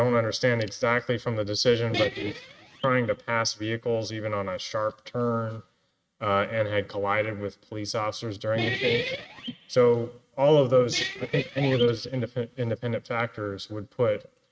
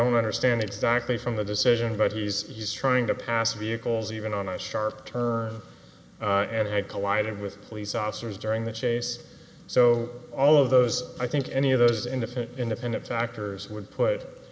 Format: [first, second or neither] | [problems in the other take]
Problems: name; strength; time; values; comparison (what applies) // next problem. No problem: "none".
second | noise reduction (neural mask model RNNoise)